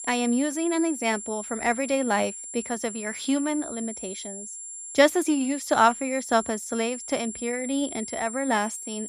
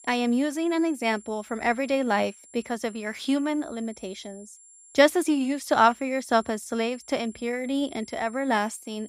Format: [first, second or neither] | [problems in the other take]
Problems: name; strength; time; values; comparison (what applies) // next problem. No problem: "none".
second | high-pitched whine; loud; throughout; 7.5 kHz, 9 dB below the speech; faint in the second